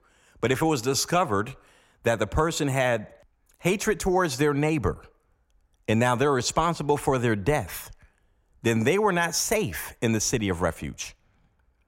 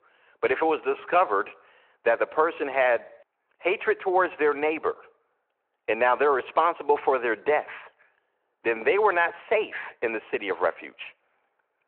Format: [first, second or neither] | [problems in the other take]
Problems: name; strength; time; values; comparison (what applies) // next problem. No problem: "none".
first | phone-call audio